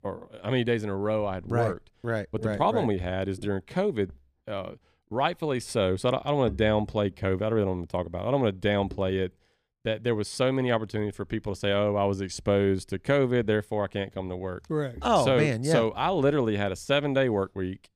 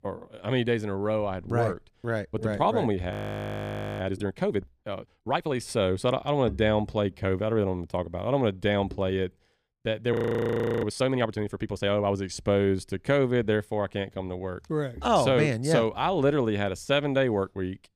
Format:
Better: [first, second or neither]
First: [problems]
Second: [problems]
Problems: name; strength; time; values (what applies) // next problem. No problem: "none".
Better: first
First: none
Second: audio freezing; at 3 s for 1 s and at 10 s for 0.5 s